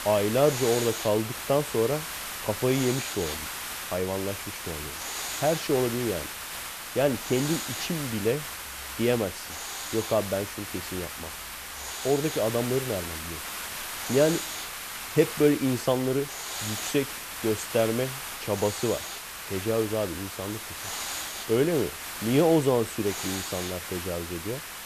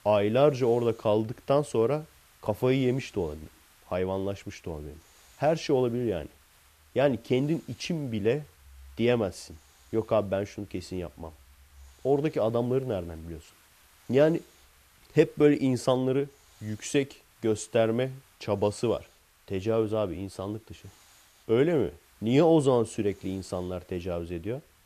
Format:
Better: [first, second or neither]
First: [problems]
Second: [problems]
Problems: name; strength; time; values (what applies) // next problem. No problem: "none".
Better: second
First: hiss; loud; throughout; 6 dB below the speech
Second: hiss; faint; throughout; 30 dB below the speech